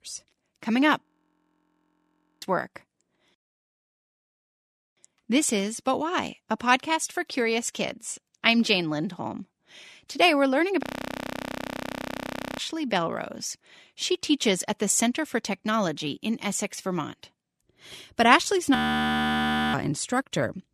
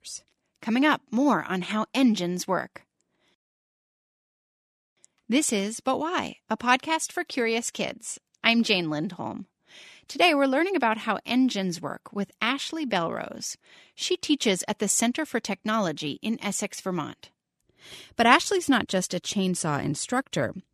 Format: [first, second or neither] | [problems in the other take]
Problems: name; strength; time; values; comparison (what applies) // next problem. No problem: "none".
second | audio freezing; at 1 s for 1.5 s, at 11 s for 2 s and at 19 s for 1 s